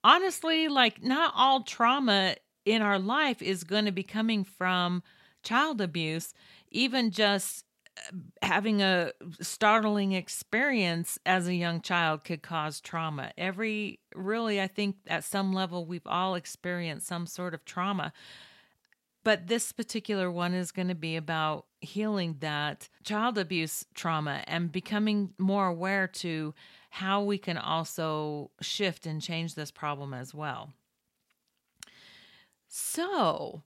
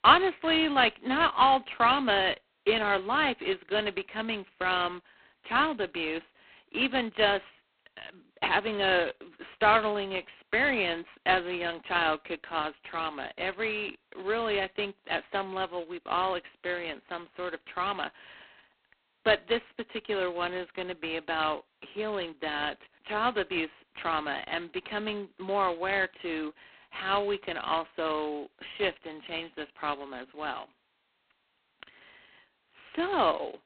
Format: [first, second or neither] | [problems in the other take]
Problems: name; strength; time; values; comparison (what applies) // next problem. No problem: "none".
first | phone-call audio; poor line